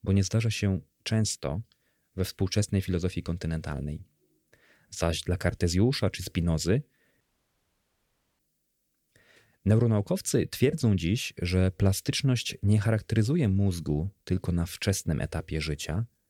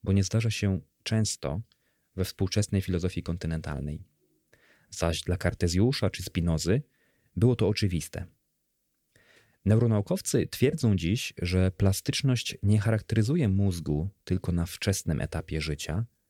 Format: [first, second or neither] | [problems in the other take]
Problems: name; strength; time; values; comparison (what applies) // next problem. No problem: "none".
second | audio cutting out; at 7 s for 1 s